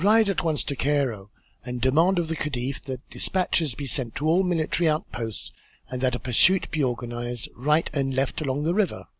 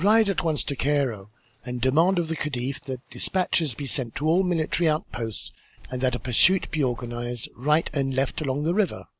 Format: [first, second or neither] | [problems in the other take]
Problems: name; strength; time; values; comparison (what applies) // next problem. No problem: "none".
first | noise reduction (neural mask model Resemble Enhance denoiser)